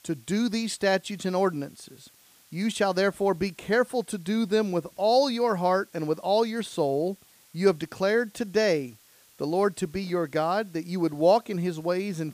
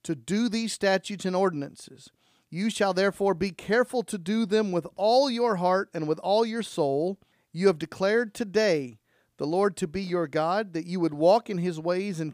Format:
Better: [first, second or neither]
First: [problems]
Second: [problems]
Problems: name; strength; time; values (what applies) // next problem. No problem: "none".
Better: second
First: hiss; faint; throughout; 30 dB below the speech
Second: none